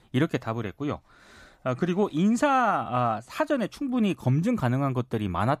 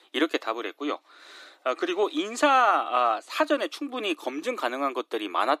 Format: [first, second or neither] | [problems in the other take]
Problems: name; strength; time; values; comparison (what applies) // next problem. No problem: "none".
first | thin; somewhat; fading below 300 Hz